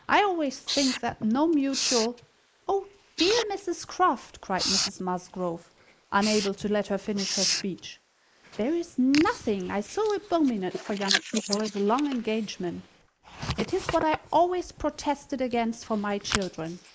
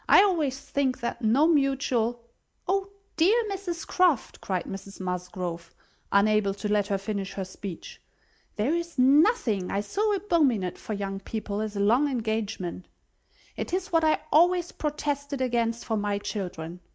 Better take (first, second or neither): second